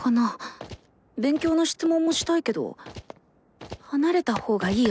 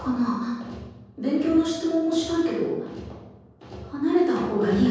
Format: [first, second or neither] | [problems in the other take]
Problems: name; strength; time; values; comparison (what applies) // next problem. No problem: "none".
first | room echo; dies away in 1.3 s